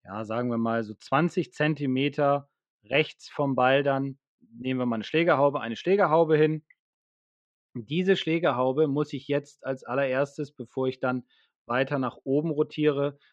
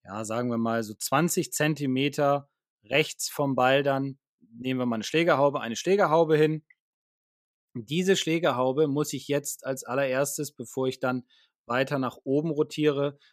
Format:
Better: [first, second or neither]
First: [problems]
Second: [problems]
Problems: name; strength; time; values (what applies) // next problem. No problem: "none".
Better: second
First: muffled; very; fading above 3.5 kHz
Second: none